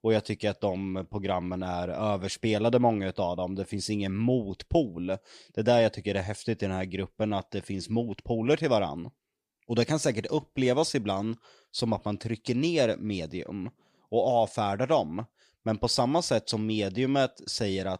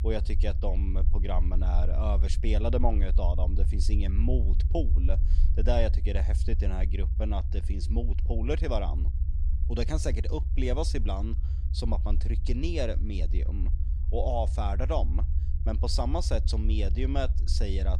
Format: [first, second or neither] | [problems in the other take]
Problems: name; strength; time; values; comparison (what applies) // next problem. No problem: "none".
first | low rumble; noticeable; throughout; 15 dB below the speech